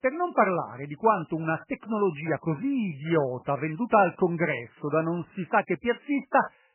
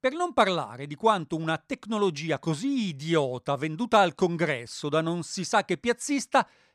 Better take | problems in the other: second | garbled, watery; badly; nothing above 3 kHz

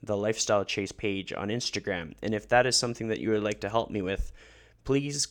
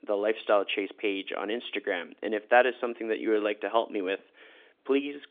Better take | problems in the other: first | phone-call audio; nothing above 3.5 kHz

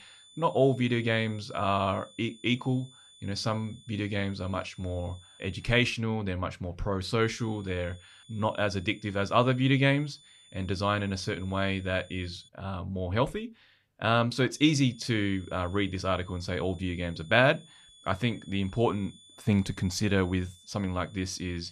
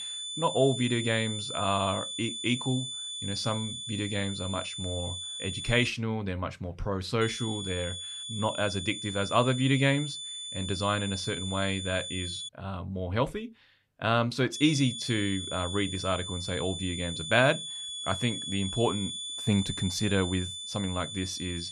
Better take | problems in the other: first | high-pitched whine; loud; until 6 s, from 7 to 12 s and from 15 s on; 3.5 kHz, 5 dB below the speech; faint in the first

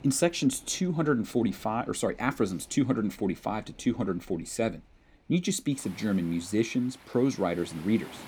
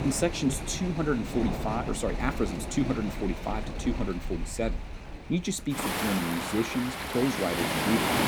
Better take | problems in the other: first | rain or running water; loud; throughout; 3 dB below the speech; faint in the first

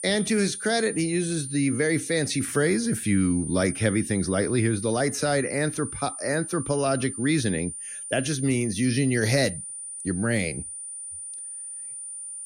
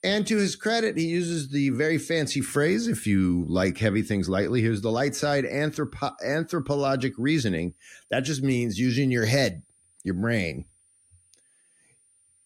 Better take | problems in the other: second | high-pitched whine; loud; throughout; 9.5 kHz, 8 dB below the speech; faint in the second

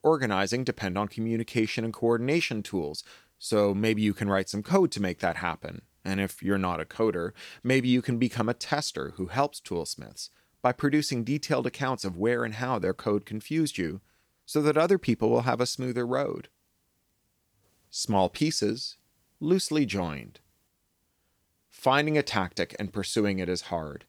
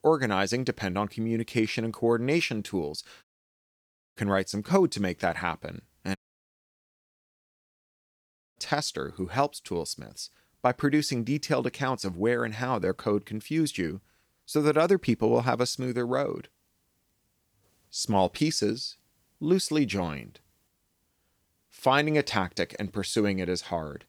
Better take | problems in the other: first | audio cutting out; at 3 s for 1 s and at 6 s for 2.5 s

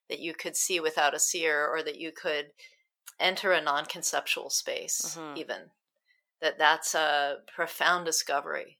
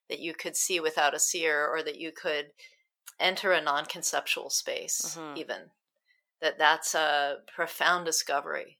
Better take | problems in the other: neither | thin; very; fading below 650 Hz; the same in both

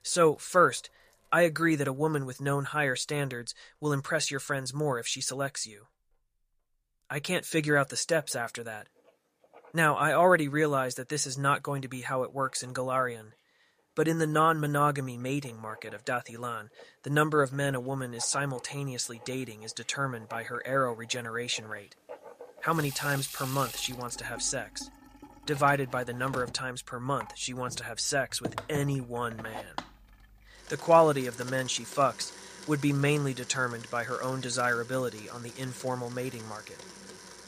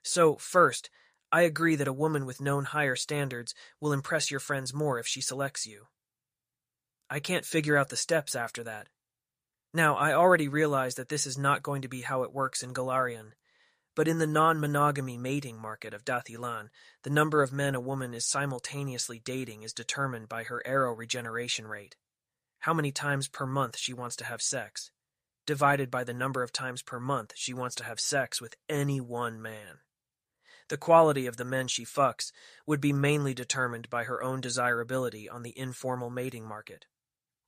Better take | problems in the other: second | household noises; noticeable; throughout; 15 dB below the speech

